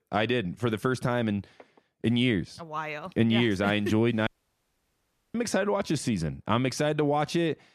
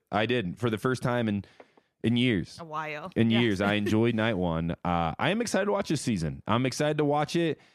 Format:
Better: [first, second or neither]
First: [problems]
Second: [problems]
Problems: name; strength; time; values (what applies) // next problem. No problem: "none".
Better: second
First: audio cutting out; at 4.5 s for 1 s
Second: none